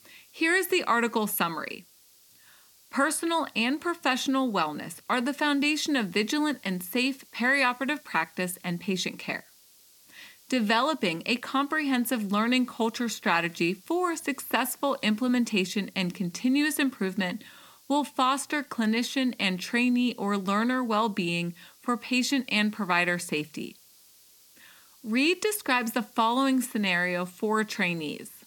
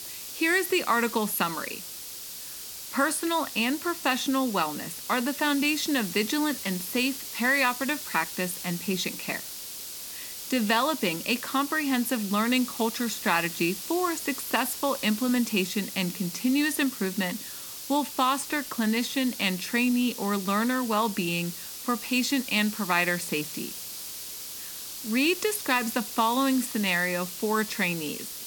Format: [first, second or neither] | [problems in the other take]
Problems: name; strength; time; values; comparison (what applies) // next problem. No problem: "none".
first | hiss; loud; throughout; 8 dB below the speech; faint in the first